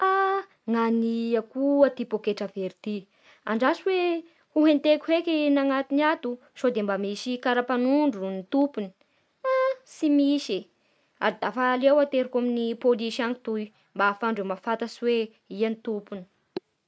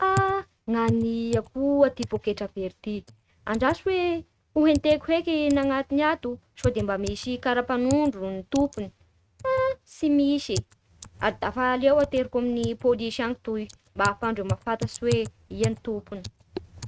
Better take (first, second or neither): first